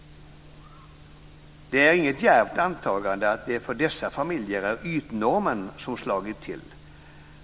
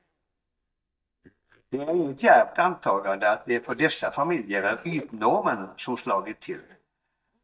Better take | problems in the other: first | noise reduction (neural mask model DeepFilterNet 3)

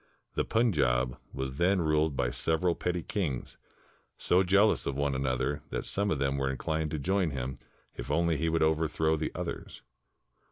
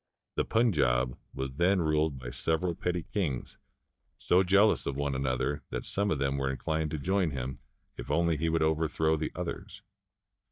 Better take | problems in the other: first | noise reduction (neural mask model DeepFilterNet 3)

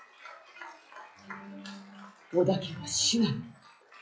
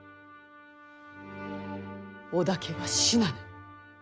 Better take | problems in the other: second | noise reduction (classical method WPE with log-MMSE)

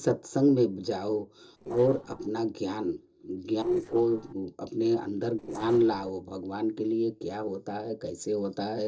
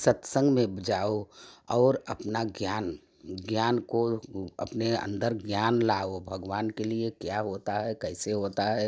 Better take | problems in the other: second | noise reduction (neural separator model SepFormer DNS4)

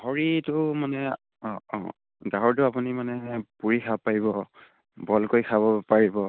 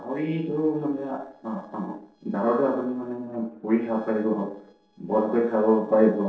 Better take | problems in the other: first | noise reduction (neural separator model SepFormer DNS4)

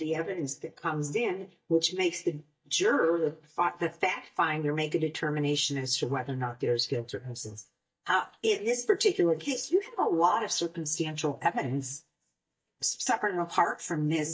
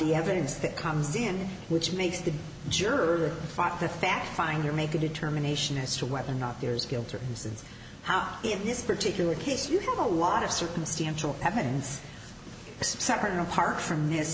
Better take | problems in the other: second | noise reduction (neural mask model DeepFilterNet 3)

